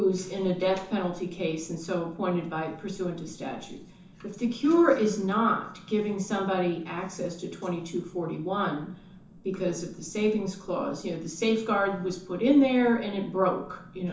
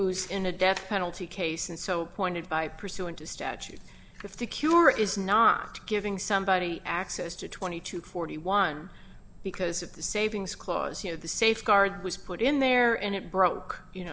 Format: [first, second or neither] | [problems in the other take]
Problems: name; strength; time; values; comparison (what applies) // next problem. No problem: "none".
second | room echo; dies away in 0.9 s